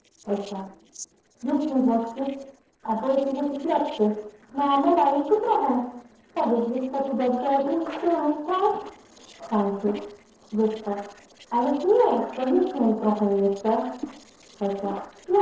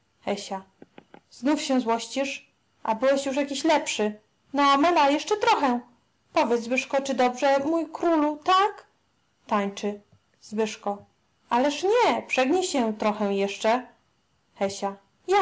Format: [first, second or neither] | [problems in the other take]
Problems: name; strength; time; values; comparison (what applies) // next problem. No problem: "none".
second | noise reduction (neural separator model SepFormer DNS4)